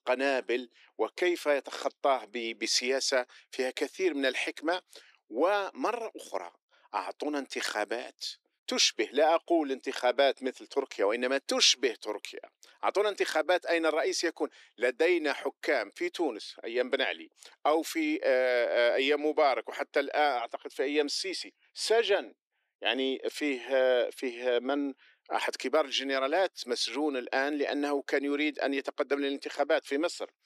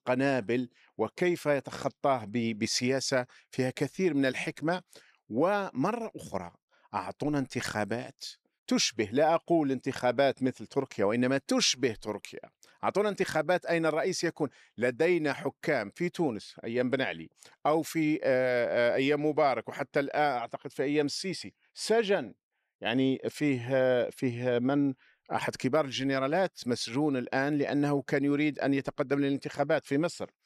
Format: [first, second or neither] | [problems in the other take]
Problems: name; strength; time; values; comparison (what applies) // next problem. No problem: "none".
second | thin; somewhat; fading below 300 Hz